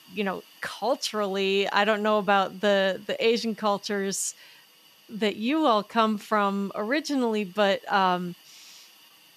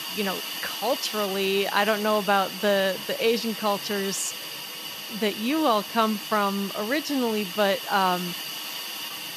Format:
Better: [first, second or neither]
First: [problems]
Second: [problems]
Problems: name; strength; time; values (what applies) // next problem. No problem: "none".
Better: first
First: hiss; faint; throughout; 25 dB below the speech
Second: hiss; loud; throughout; 7 dB below the speech